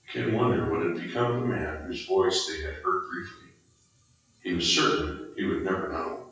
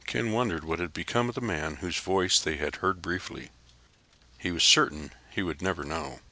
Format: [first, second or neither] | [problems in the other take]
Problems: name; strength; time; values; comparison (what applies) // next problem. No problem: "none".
second | noise reduction (classical method WPE with log-MMSE)